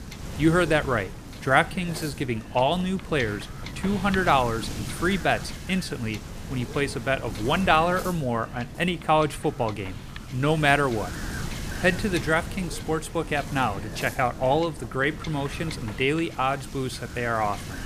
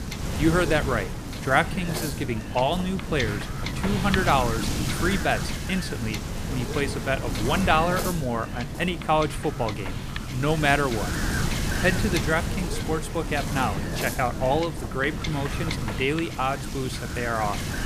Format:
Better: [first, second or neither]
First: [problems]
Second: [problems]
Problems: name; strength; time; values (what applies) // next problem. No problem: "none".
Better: first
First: wind noise on the microphone; occasional gusts; 15 dB below the speech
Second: wind noise on the microphone; heavy; 7 dB below the speech